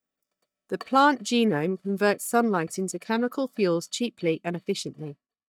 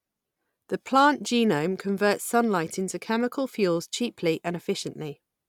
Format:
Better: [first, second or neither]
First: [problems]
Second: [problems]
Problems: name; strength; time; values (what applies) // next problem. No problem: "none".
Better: second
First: noise reduction (neural mask model DeepFilterNet 3)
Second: none